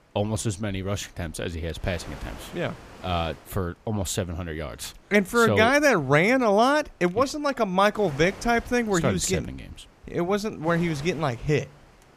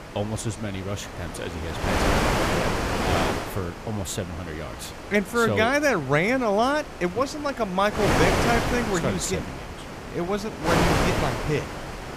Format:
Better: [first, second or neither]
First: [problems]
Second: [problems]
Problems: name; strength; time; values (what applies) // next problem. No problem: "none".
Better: first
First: wind noise on the microphone; occasional gusts; 20 dB below the speech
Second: wind noise on the microphone; heavy; as loud as the speech